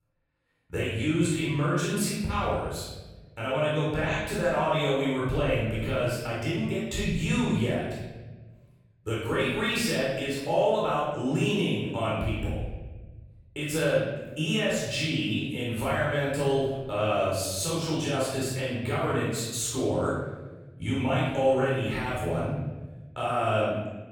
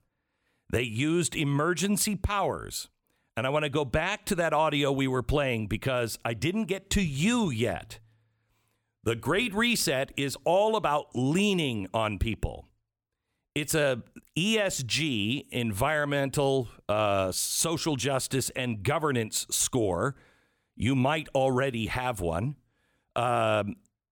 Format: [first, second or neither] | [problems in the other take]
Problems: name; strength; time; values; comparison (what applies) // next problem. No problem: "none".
second | off-mic speech; far // room echo; strong; dies away in 1.2 s